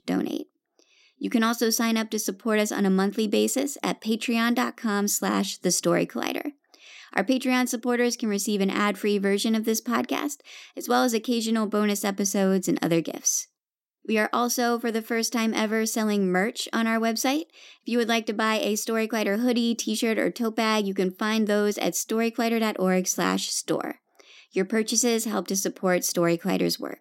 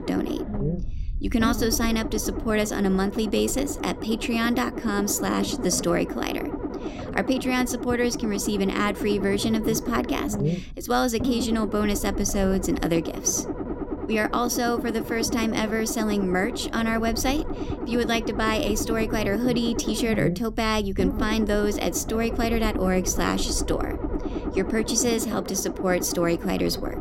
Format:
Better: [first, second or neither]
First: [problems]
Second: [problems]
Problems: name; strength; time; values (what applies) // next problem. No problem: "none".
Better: first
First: none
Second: low rumble; loud; throughout; 8 dB below the speech